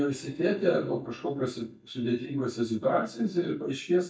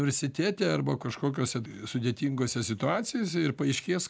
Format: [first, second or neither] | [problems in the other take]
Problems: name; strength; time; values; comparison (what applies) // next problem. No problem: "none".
second | noise reduction (neural mask model DeepFilterNet 3)